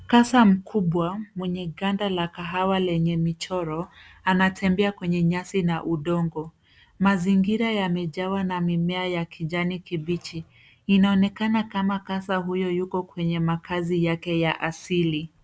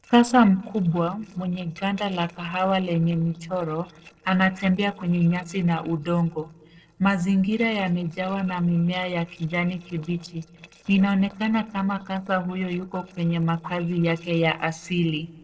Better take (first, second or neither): first